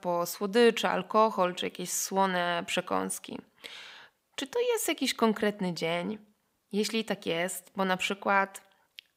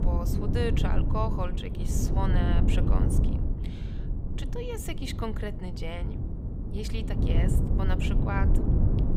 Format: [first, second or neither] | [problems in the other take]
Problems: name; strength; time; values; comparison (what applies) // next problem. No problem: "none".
first | wind noise on the microphone; heavy; 3 dB below the speech